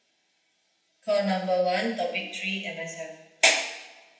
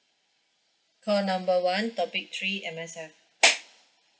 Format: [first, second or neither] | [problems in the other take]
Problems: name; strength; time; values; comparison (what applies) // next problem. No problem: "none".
second | room echo; dies away in 0.9 s